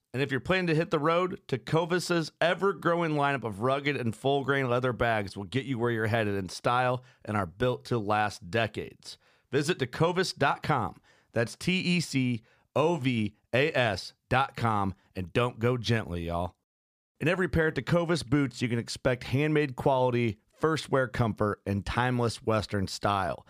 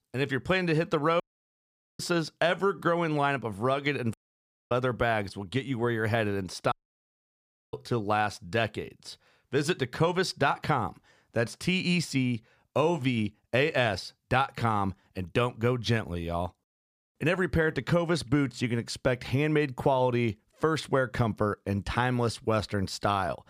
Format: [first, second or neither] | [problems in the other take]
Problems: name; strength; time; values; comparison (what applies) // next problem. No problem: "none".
first | audio cutting out; at 1 s for 1 s, at 4 s for 0.5 s and at 6.5 s for 1 s